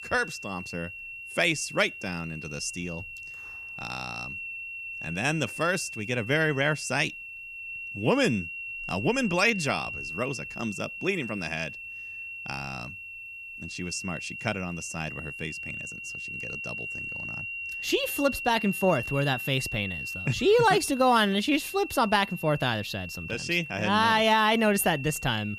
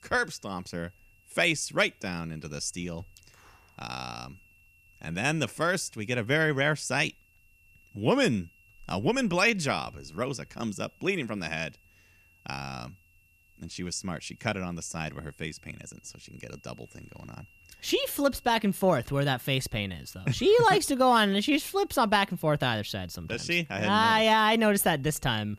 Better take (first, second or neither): second